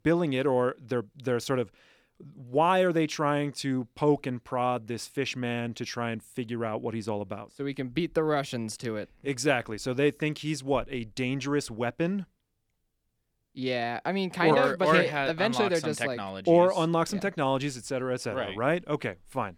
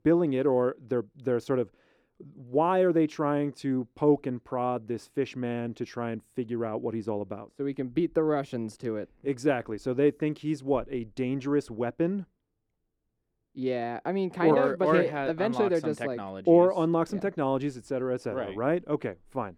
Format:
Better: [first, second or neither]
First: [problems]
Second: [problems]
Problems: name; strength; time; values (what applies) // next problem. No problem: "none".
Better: first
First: none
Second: muffled; slightly; fading above 2 kHz